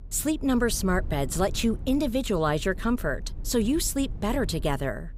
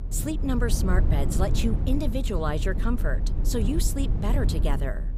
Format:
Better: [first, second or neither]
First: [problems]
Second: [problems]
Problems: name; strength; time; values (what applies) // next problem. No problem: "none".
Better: first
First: low rumble; faint; throughout; 25 dB below the speech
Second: low rumble; loud; throughout; 8 dB below the speech